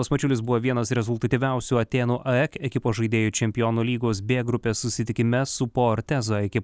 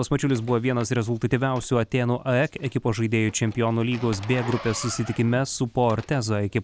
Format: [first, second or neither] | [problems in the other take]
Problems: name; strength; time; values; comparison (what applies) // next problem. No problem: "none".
first | background sound (Wood + Zipper (clothing)); 19 dB below the speech